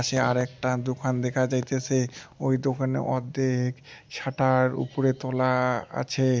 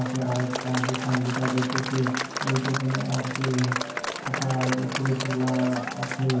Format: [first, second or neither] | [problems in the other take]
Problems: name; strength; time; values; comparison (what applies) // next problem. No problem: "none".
first | background sound (Applause / Crowd); 5 dB below the speech // room echo; dies away in 0.9 s